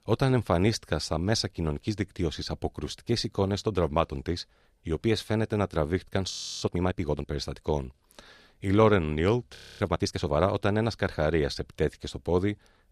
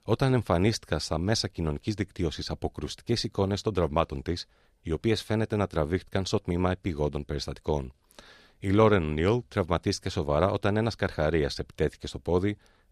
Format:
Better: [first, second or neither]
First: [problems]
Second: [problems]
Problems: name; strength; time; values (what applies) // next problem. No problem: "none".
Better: second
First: audio freezing; at 6.5 s and at 9.5 s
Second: none